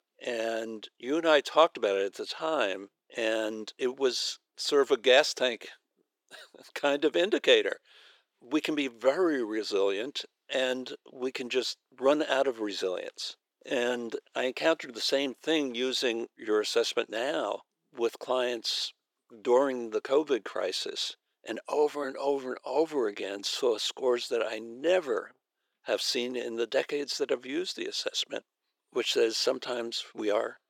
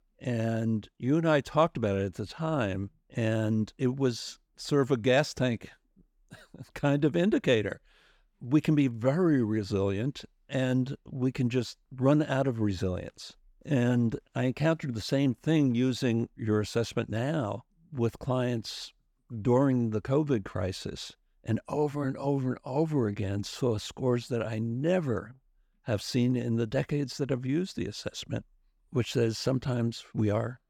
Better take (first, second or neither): second